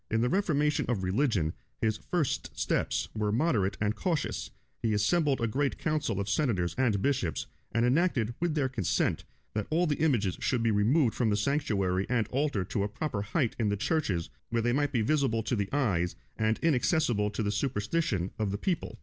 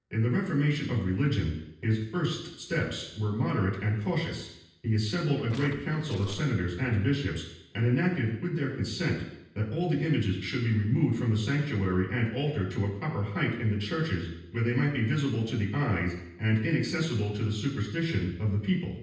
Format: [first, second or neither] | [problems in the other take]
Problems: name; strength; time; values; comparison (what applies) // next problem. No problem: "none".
first | noise reduction (neural separator model SepFormer DNS4)